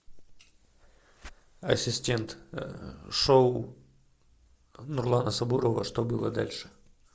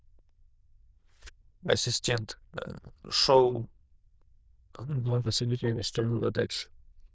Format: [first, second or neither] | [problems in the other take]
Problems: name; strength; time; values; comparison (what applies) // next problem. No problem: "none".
first | noise reduction (neural diffusion model UNIVERSE++)